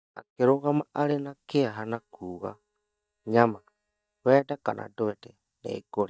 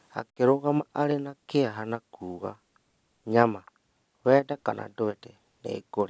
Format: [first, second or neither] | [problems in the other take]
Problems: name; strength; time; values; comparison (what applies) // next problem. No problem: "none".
second | noise reduction (neural mask model DeepFilterNet 3)